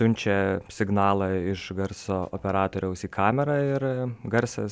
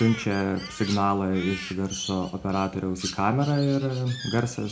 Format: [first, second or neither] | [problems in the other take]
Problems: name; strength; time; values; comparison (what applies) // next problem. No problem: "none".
first | background sound (Crow); 14 dB below the speech // room echo; dies away in 0.4 s